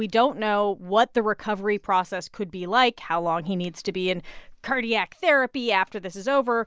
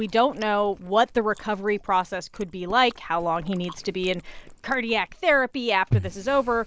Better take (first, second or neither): first